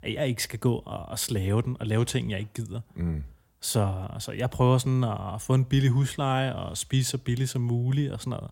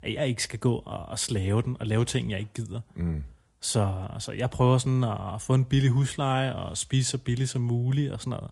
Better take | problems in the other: first | garbled, watery; slightly; nothing above 10.5 kHz

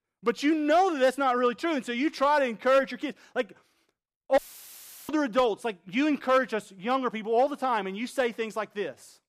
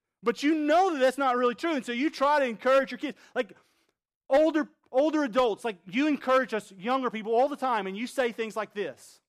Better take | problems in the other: second | audio cutting out; filled with static; at 4.5 s for 0.5 s

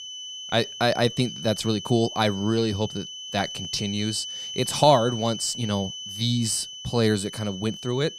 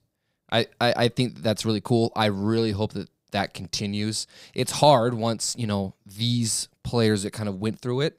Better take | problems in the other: second | high-pitched whine; loud; throughout; 3 kHz, 9 dB below the speech

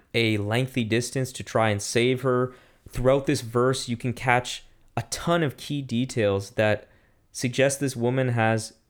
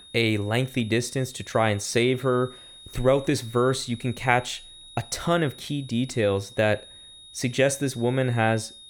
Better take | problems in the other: first | high-pitched whine; noticeable; throughout; 4 kHz, 20 dB below the speech

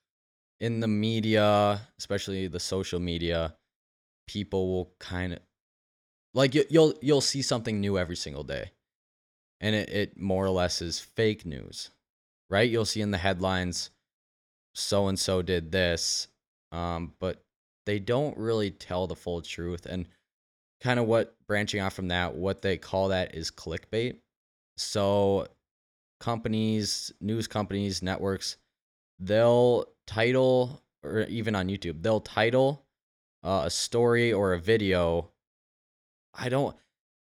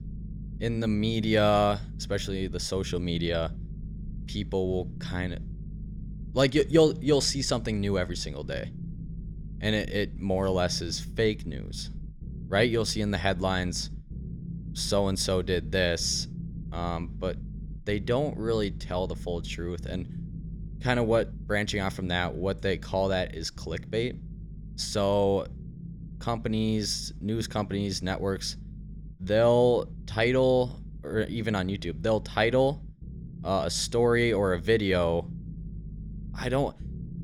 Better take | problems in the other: first | low rumble; faint; throughout; 25 dB below the speech

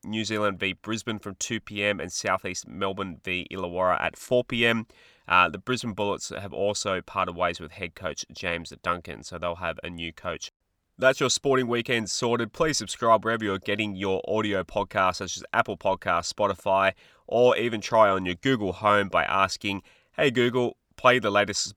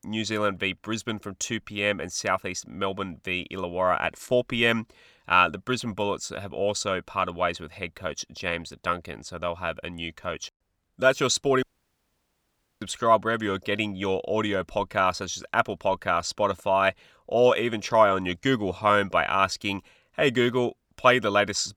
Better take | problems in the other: first | audio cutting out; at 12 s for 1 s

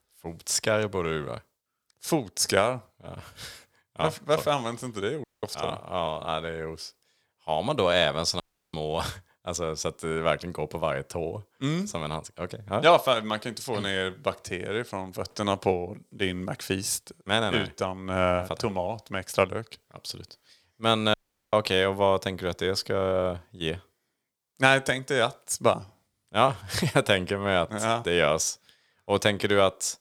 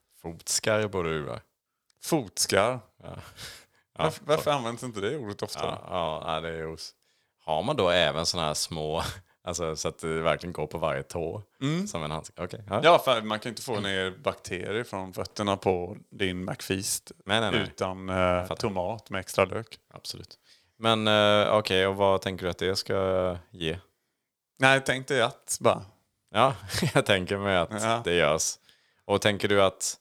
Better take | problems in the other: second | audio cutting out; at 5 s, at 8.5 s and at 21 s

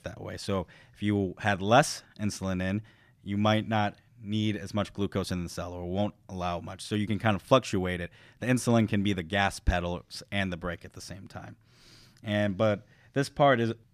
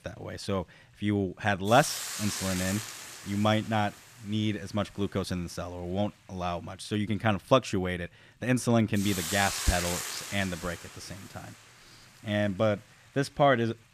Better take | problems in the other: first | hiss; loud; throughout; 6 dB below the speech

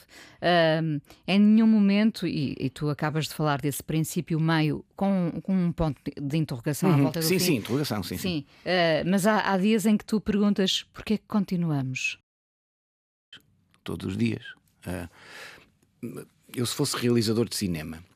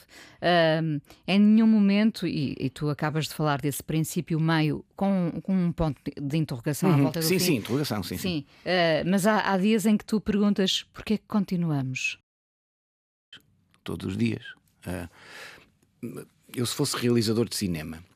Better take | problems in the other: neither | audio cutting out; at 12 s for 1 s; the same in both

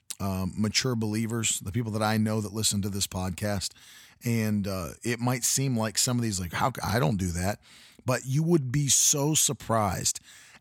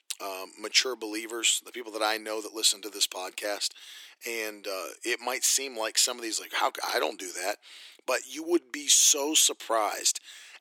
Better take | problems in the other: first | thin; very; fading below 300 Hz

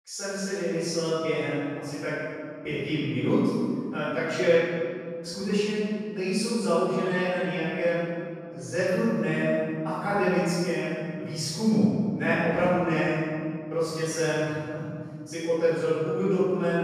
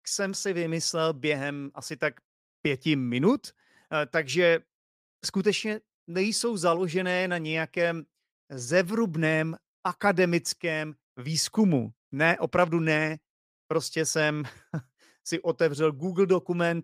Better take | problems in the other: second | room echo; strong; dies away in 2.3 s // off-mic speech; far

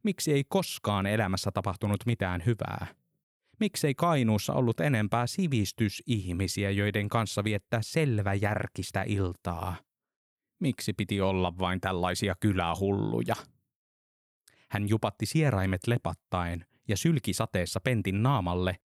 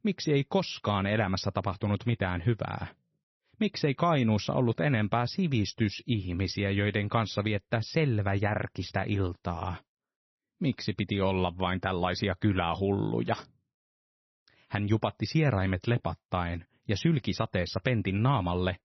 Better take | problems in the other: first | garbled, watery; slightly; nothing above 6 kHz

